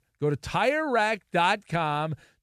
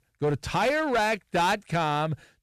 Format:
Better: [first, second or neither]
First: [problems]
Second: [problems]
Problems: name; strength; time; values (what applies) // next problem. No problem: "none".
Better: first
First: none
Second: distortion; slight; 11% of the sound clipped